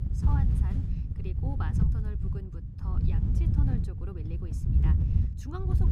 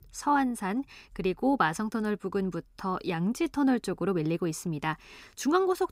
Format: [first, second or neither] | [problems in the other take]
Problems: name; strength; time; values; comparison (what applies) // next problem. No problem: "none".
second | wind noise on the microphone; heavy; 3 dB above the speech